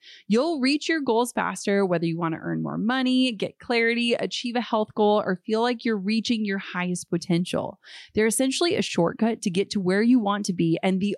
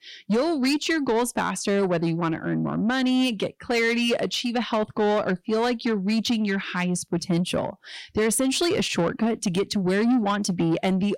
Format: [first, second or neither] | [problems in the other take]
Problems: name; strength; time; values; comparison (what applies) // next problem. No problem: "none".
first | distortion; slight; 10 dB below the speech